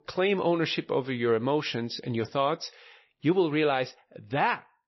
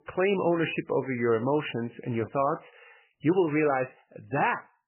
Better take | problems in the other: first | garbled, watery; badly; nothing above 3 kHz; slightly in the first

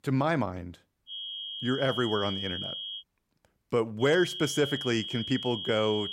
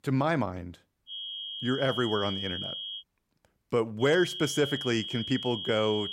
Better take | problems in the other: neither | high-pitched whine; loud; from 1 to 3 s and from 4 s on; 3 kHz, 6 dB below the speech; the same in both

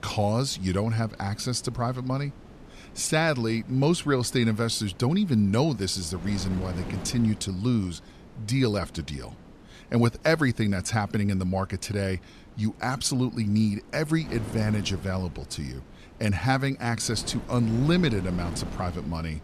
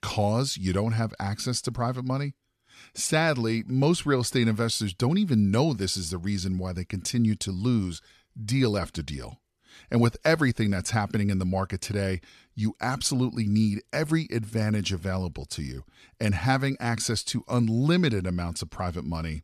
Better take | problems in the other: second | wind noise on the microphone; occasional gusts; 20 dB below the speech

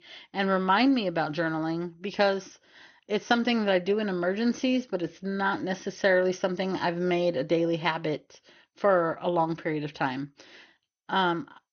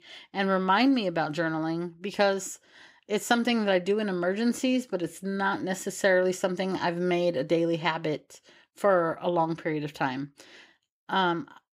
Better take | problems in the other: second | garbled, watery; slightly; nothing above 6.5 kHz

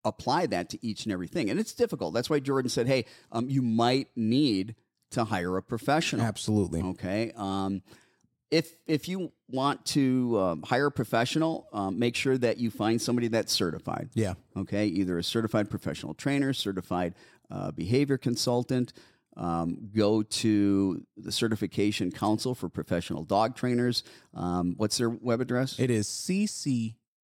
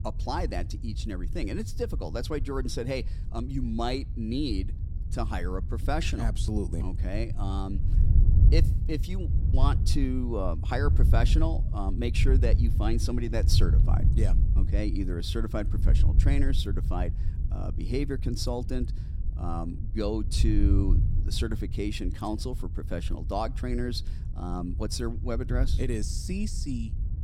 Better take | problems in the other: first | wind noise on the microphone; occasional gusts; 10 dB below the speech

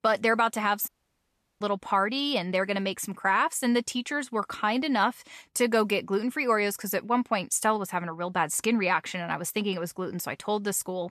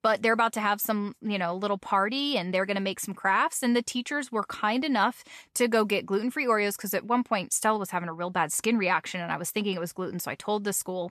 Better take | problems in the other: second | audio cutting out; at 1 s for 0.5 s

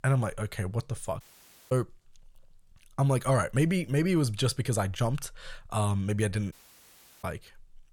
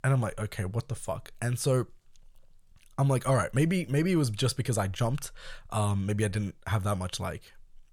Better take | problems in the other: second | audio cutting out; at 1 s for 0.5 s and at 6.5 s for 0.5 s

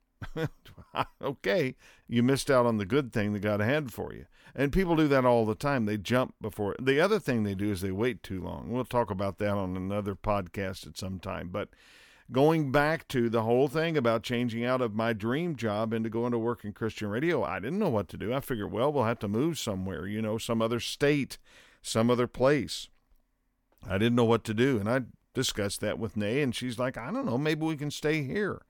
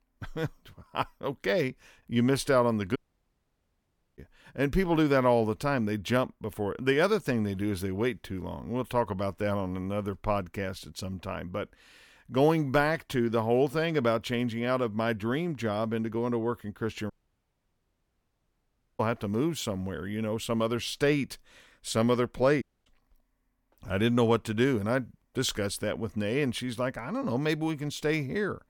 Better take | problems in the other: first | audio cutting out; at 3 s for 1 s, at 17 s for 2 s and at 23 s

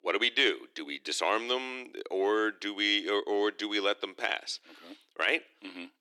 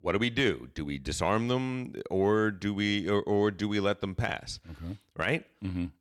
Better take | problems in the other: second | thin; very; fading below 300 Hz

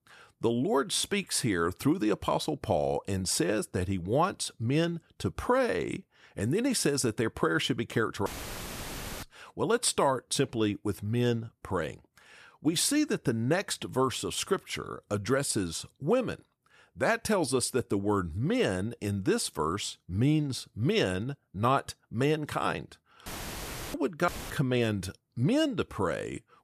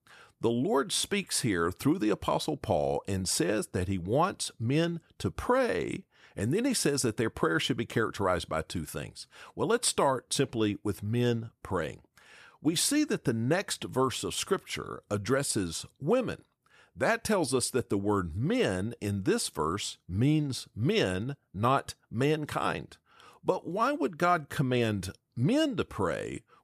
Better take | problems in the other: second | audio cutting out; filled with static; at 8.5 s for 1 s, at 23 s for 0.5 s and at 24 s

